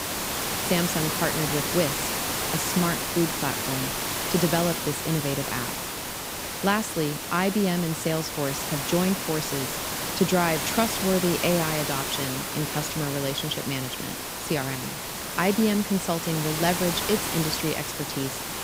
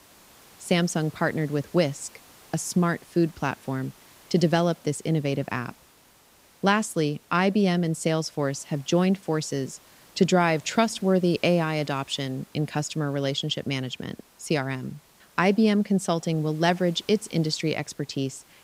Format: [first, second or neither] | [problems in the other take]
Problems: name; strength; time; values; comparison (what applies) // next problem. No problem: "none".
second | hiss; loud; throughout; 1 dB below the speech; faint in the second